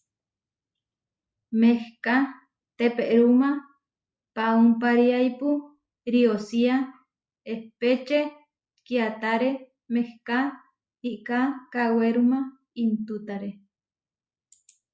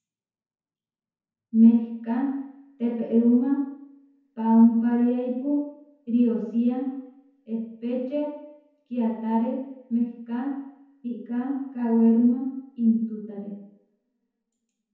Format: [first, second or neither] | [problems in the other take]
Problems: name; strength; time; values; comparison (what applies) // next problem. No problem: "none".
first | room echo; dies away in 0.9 s